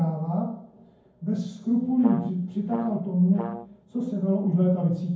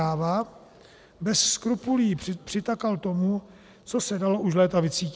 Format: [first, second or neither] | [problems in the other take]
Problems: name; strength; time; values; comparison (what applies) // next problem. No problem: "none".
second | background sound (Brass instrument); 12 dB below the speech // room echo; dies away in 0.9 s